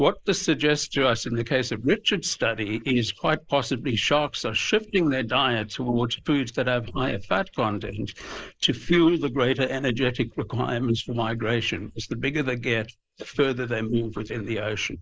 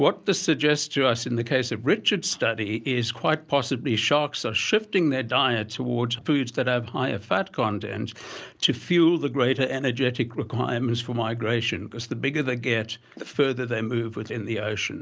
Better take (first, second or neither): second